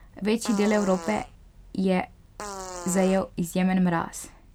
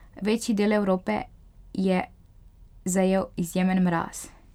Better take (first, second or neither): second